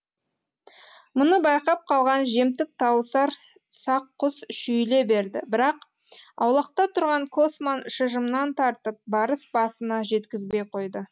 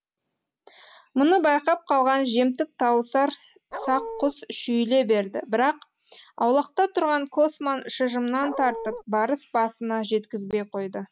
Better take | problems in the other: first | background sound (Dog); 9 dB below the speech

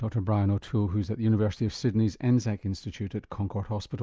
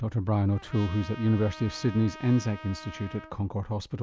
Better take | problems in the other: first | background sound (Trumpet); 17 dB below the speech

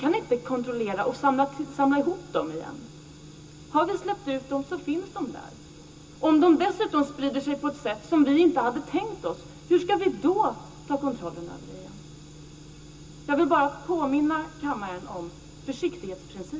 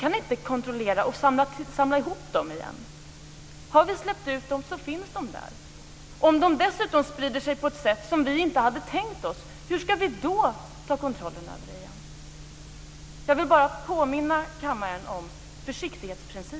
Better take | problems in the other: second | room echo; dies away in 0.2 s

